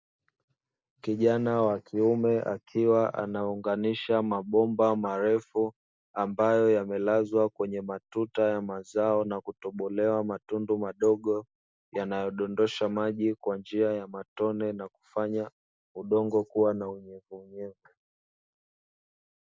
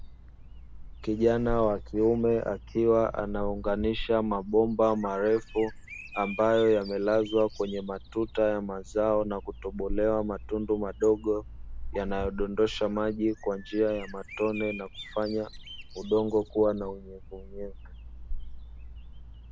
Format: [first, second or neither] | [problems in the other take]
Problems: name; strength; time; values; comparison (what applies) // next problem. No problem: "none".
first | background sound (Bird vocalization, bird call, bird song); 11 dB below the speech